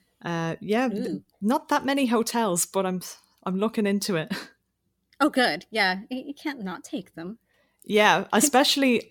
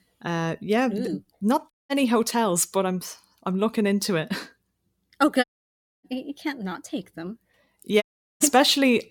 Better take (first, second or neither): first